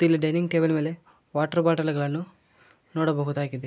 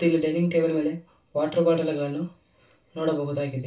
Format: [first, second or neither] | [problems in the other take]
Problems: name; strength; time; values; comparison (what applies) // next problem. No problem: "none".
first | room echo; dies away in 0.2 s